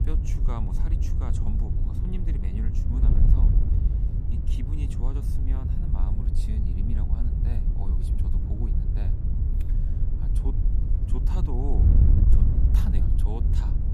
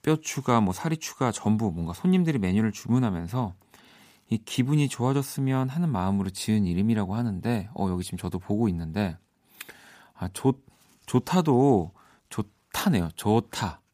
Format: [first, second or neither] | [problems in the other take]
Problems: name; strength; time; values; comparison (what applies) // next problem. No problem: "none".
second | wind noise on the microphone; heavy; 2 dB above the speech